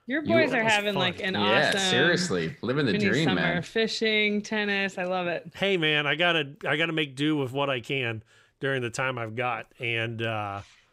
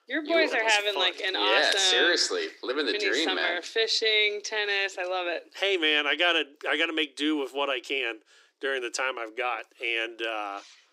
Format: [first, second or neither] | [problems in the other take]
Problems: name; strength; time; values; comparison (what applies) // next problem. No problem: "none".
first | thin; somewhat; fading below 300 Hz